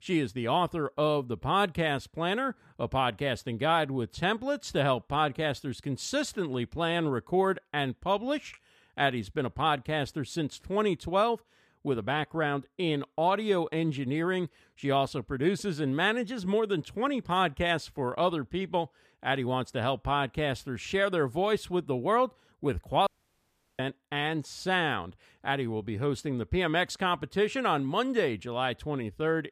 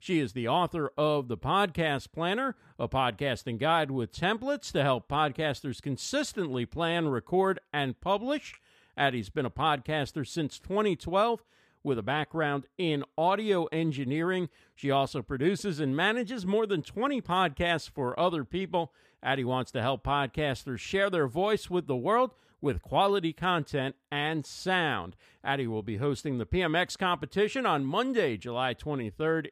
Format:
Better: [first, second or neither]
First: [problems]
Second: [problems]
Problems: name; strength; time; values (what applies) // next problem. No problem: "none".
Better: second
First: audio cutting out; at 23 s for 0.5 s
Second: none